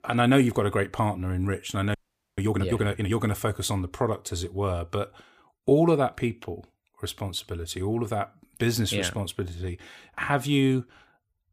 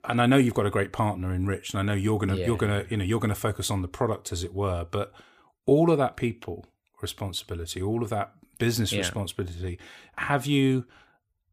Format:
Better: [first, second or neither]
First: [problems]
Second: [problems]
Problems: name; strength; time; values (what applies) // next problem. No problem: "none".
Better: second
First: audio freezing; at 2 s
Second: none